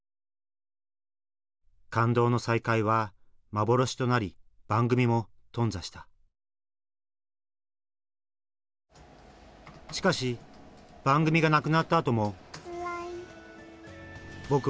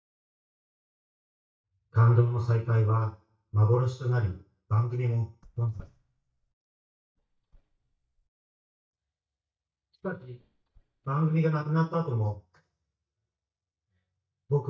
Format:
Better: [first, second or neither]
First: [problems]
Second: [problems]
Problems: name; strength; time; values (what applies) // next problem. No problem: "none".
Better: first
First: none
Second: noise reduction (neural mask model DeepFilterNet 3)